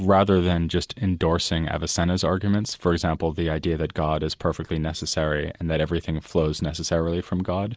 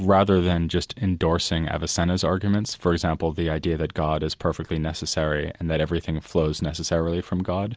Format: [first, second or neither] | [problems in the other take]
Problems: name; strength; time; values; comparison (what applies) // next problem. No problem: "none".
second | noise reduction (neural mask model Resemble Enhance denoiser)